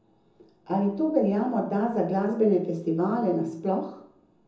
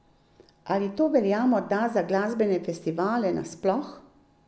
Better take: second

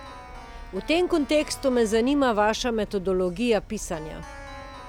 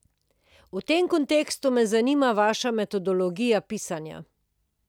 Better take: second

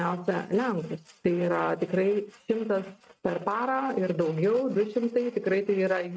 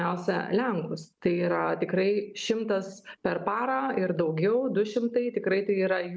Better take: second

